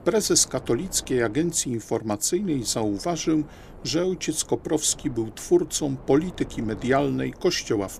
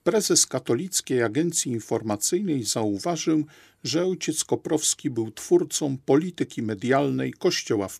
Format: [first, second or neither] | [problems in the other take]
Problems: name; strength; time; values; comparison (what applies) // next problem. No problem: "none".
second | wind noise on the microphone; occasional gusts; 20 dB below the speech